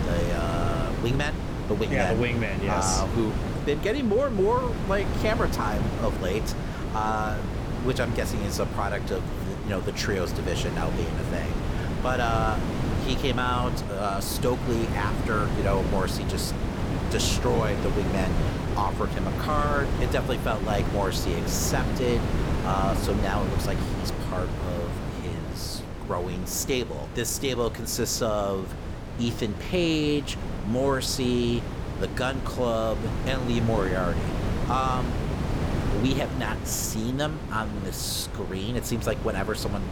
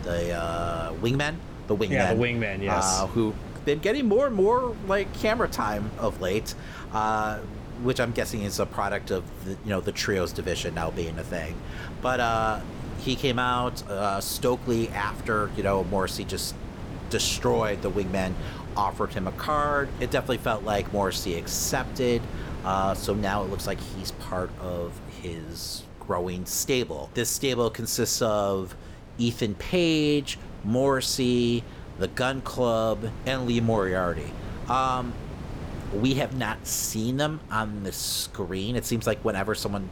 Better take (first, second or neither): second